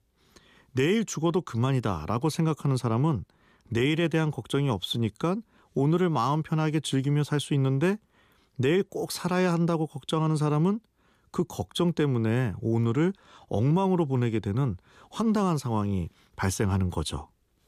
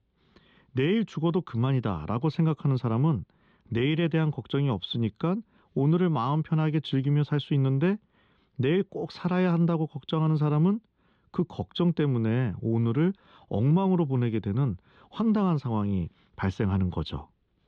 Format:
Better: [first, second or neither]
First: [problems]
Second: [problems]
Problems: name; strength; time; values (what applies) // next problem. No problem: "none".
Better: first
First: none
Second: muffled; slightly; fading above 3.5 kHz